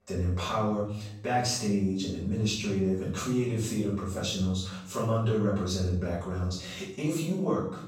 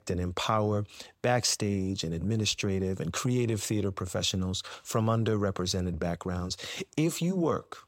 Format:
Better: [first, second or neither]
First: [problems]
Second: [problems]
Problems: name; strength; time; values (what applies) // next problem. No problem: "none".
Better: second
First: off-mic speech; far // room echo; noticeable; dies away in 0.6 s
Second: none